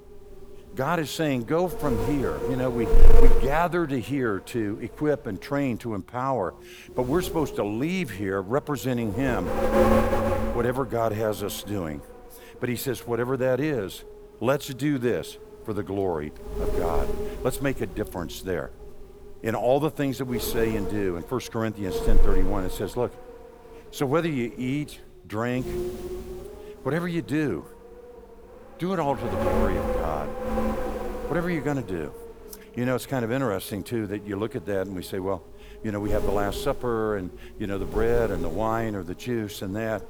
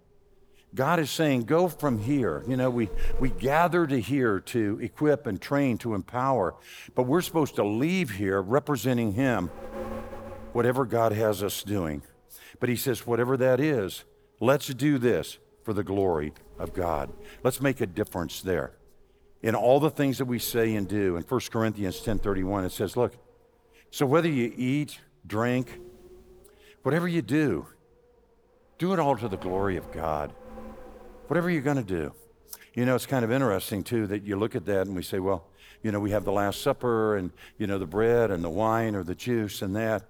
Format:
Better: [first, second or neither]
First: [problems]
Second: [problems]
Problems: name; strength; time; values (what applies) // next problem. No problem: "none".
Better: second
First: wind noise on the microphone; heavy; 2 dB below the speech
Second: wind noise on the microphone; occasional gusts; 20 dB below the speech